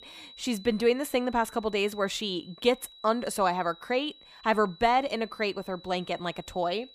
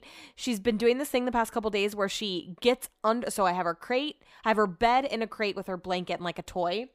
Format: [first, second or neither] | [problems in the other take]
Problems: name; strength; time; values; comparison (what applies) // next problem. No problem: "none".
second | high-pitched whine; faint; throughout; 4 kHz, 20 dB below the speech